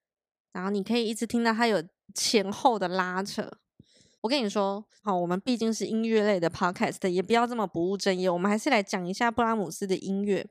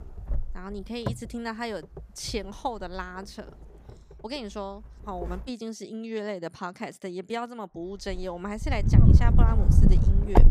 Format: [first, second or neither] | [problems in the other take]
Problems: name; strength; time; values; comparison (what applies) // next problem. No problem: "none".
first | wind noise on the microphone; heavy; until 5.5 s and from 8 s on; 1 dB above the speech